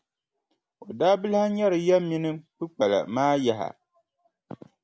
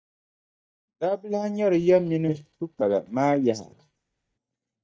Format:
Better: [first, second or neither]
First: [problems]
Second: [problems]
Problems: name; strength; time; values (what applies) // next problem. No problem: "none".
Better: first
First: none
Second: noise reduction (neural mask model DeepFilterNet 3)